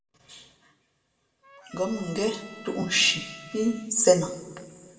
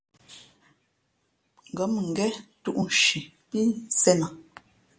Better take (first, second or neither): second